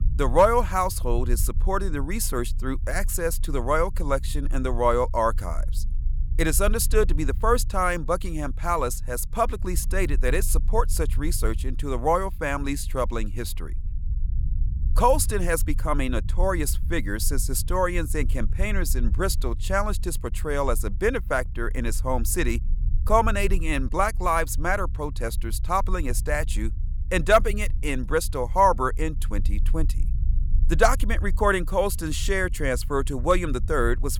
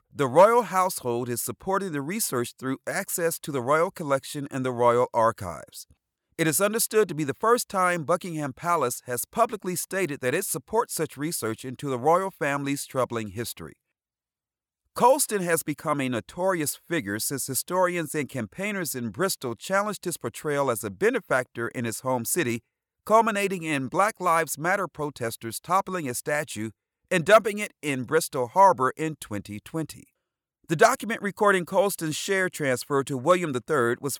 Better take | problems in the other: second | low rumble; faint; throughout; 25 dB below the speech

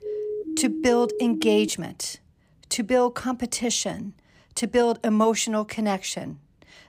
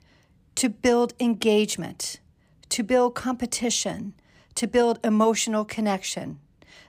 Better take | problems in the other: second | siren; noticeable; until 1.5 s; peak 6 dB below the speech

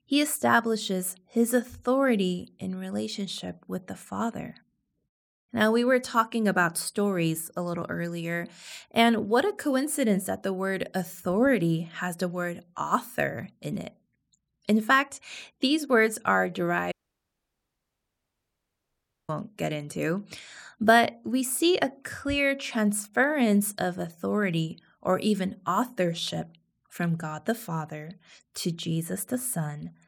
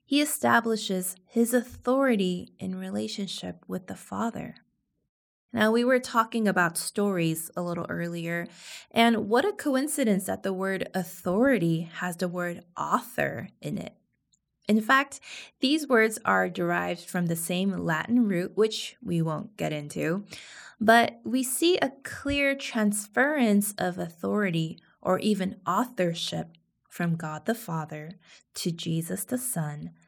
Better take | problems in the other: second | audio cutting out; at 17 s for 2.5 s

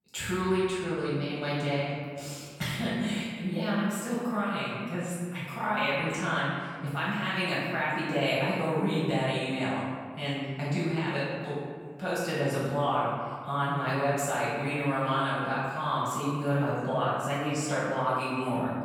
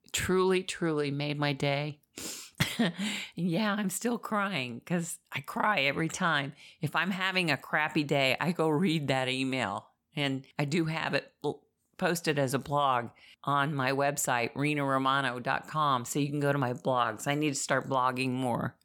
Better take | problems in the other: second | room echo; strong; dies away in 1.7 s // off-mic speech; far

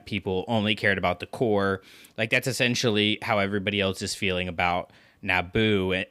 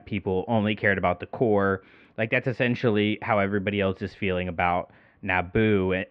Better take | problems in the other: first | muffled; very; fading above 2 kHz

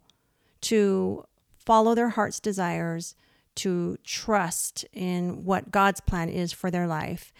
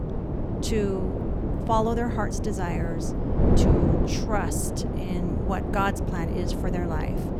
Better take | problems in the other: first | wind noise on the microphone; heavy; 3 dB below the speech

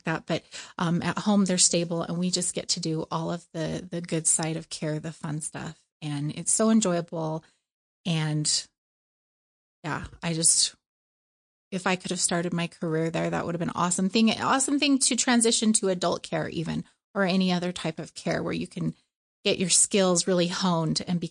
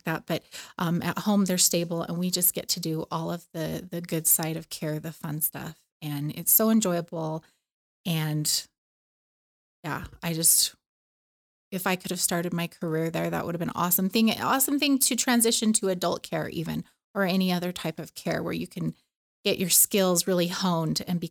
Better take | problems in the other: second | garbled, watery; slightly

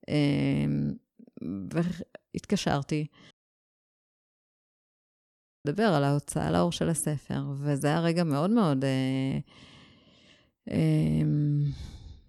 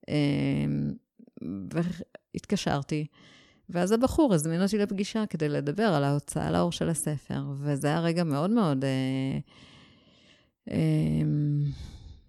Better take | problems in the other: second | audio cutting out; at 3.5 s for 2.5 s

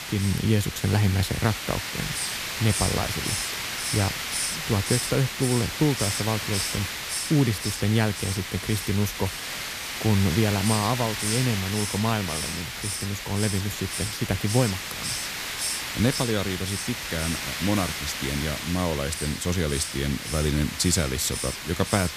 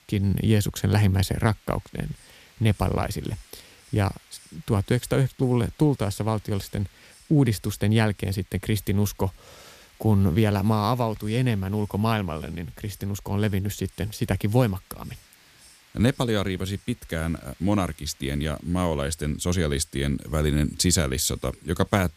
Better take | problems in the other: second | hiss; loud; throughout; 3 dB below the speech; faint in the second

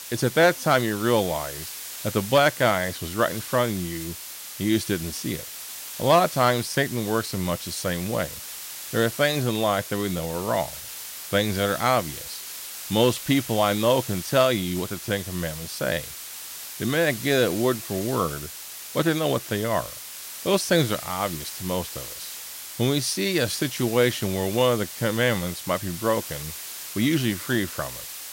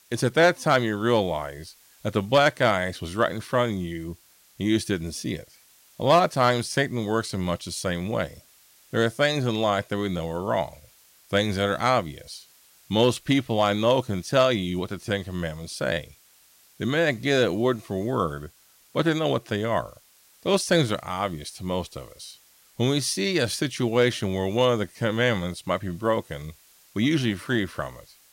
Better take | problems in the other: second | hiss; loud; throughout; 10 dB below the speech; faint in the second

